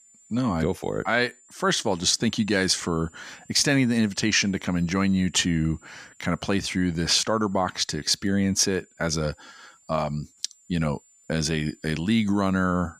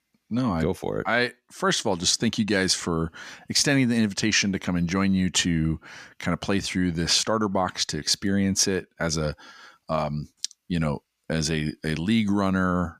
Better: second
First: high-pitched whine; faint; throughout; 7 kHz, 30 dB below the speech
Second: none

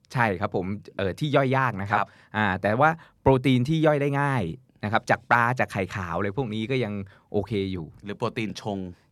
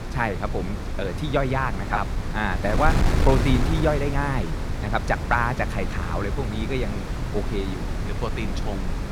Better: first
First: none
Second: wind noise on the microphone; heavy; 7 dB below the speech

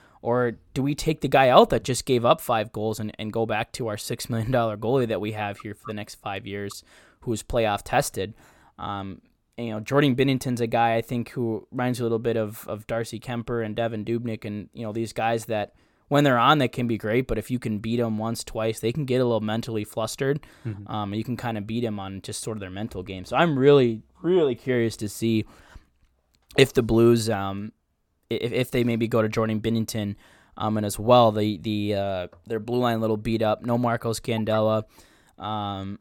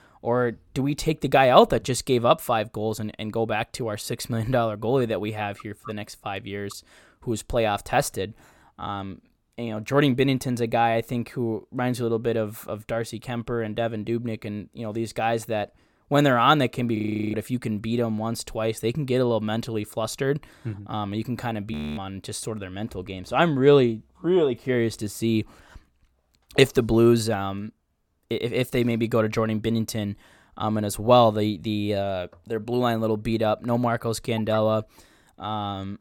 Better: first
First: none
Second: audio freezing; at 17 s and at 22 s

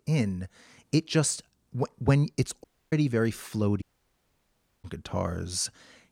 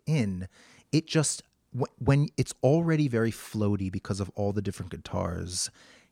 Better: second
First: audio cutting out; at 2.5 s and at 4 s for 1 s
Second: none

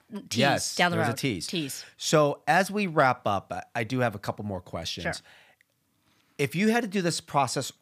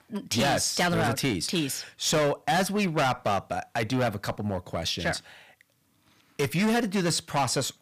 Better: first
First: none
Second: distortion; heavy; 12% of the sound clipped

